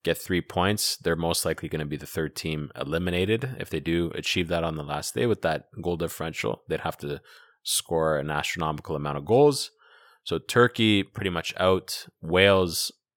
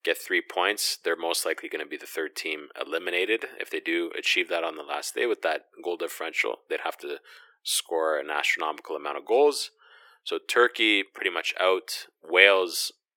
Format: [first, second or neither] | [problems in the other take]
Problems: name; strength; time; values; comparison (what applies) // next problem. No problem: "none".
first | thin; very; fading below 350 Hz